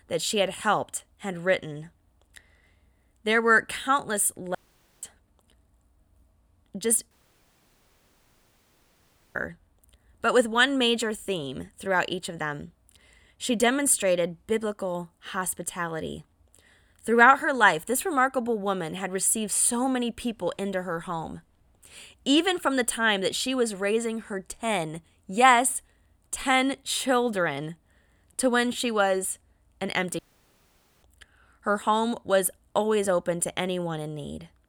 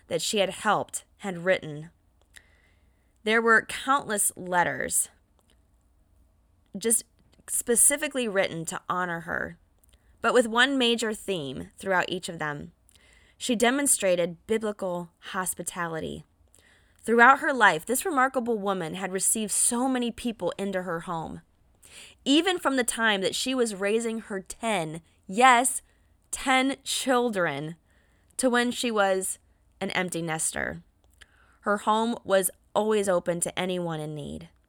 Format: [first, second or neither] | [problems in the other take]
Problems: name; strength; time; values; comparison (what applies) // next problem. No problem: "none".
second | audio cutting out; at 4.5 s, at 7 s for 2 s and at 30 s for 1 s